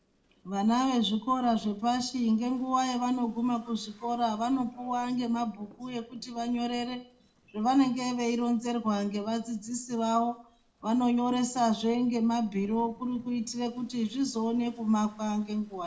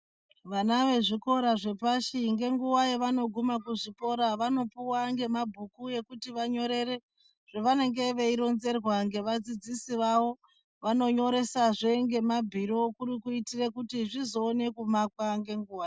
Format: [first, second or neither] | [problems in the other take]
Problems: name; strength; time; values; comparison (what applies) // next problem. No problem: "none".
second | noise reduction (neural separator model SepFormer DNS4)